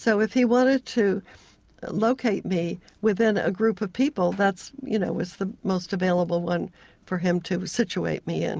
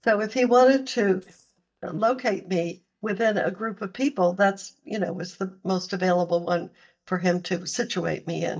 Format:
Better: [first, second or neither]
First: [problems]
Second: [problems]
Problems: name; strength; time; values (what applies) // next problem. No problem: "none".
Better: first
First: none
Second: noise reduction (neural mask model DeepFilterNet 3)